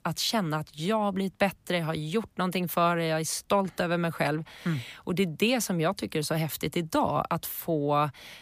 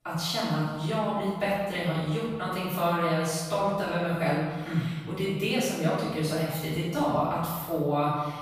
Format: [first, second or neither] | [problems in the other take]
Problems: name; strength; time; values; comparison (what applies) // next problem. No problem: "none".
first | room echo; strong; dies away in 1.2 s // off-mic speech; far